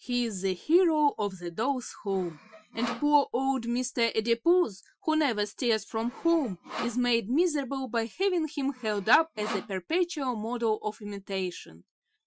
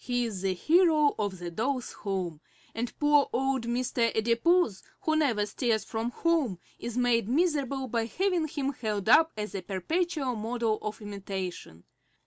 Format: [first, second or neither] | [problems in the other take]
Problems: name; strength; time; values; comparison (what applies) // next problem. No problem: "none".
second | noise reduction (classical method Wiener filter)